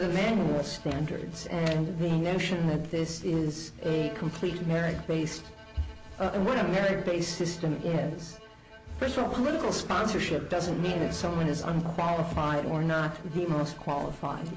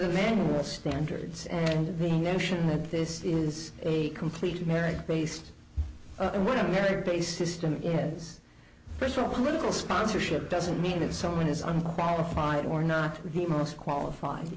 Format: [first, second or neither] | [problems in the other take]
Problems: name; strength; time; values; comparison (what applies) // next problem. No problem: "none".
second | background sound (Bowed string instrument); 19 dB below the speech